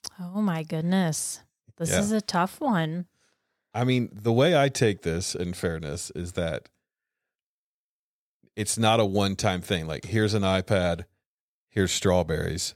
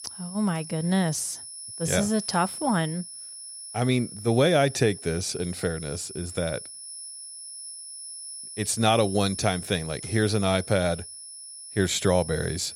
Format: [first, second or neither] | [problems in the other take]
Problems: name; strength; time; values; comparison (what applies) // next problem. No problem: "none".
first | high-pitched whine; noticeable; throughout; 10.5 kHz, 10 dB below the speech